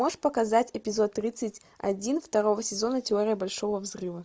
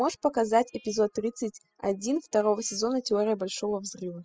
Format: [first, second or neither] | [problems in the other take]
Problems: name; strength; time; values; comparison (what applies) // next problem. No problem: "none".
first | noise reduction (classical method spectral subtraction)